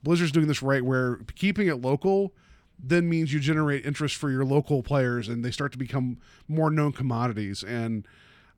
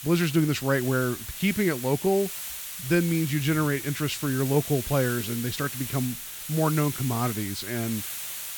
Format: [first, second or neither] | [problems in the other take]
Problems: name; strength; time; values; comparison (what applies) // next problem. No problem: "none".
first | hiss; loud; throughout; 7 dB below the speech